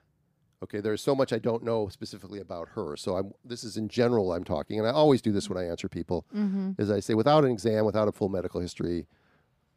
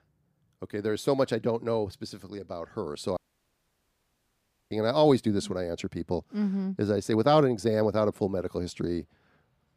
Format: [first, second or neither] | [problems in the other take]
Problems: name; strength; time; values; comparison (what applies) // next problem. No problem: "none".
first | audio cutting out; at 3 s for 1.5 s